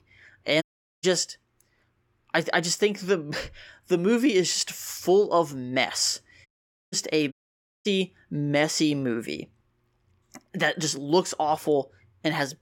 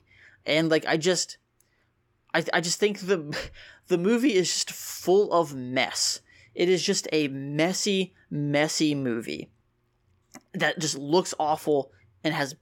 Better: second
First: audio cutting out; at 0.5 s, at 6.5 s and at 7.5 s for 0.5 s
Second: none

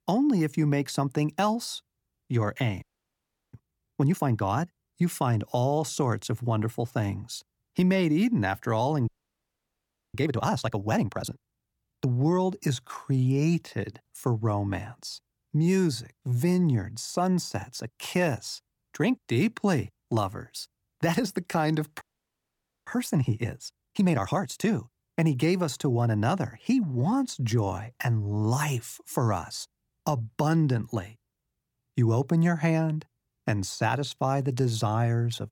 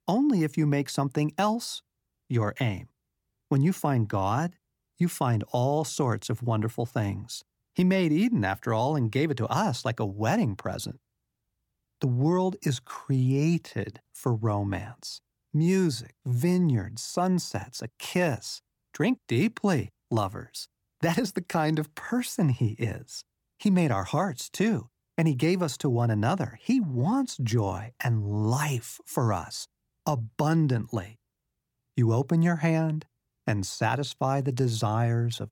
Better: second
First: audio freezing; at 3 s for 0.5 s, at 9 s for 1 s and at 22 s for 1 s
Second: none

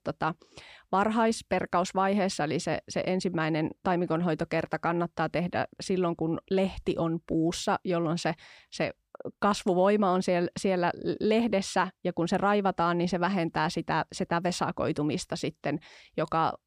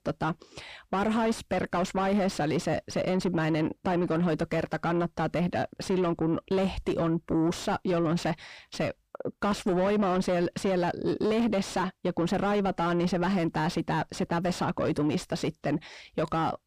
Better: first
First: none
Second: distortion; heavy; 8 dB below the speech

